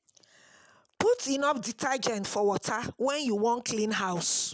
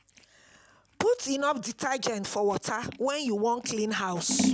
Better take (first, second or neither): first